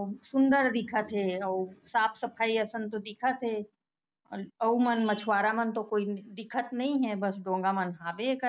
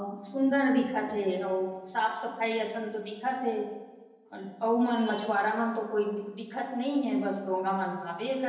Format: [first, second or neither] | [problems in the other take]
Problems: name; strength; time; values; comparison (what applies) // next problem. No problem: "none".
first | room echo; dies away in 1 s